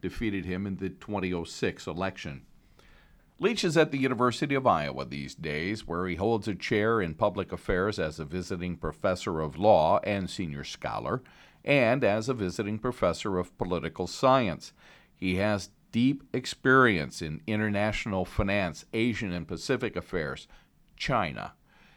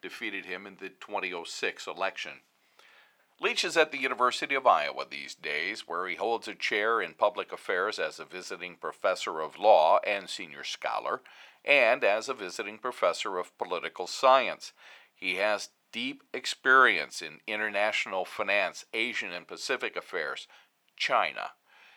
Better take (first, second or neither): first